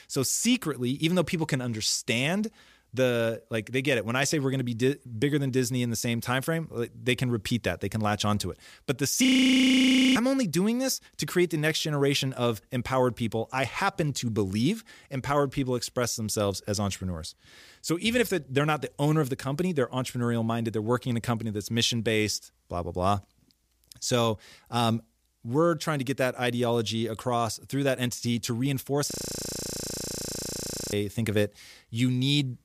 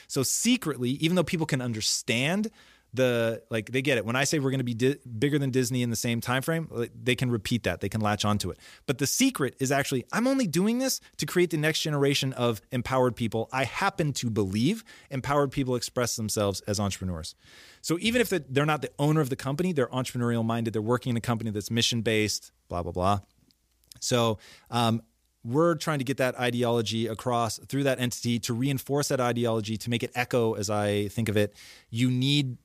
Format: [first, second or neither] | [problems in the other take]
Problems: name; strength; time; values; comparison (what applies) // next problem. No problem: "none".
second | audio freezing; at 9.5 s for 1 s and at 29 s for 2 s